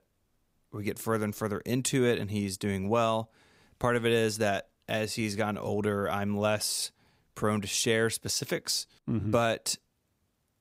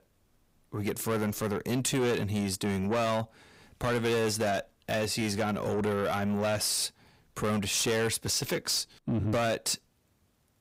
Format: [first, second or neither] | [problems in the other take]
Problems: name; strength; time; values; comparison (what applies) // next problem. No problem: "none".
first | distortion; heavy; 7 dB below the speech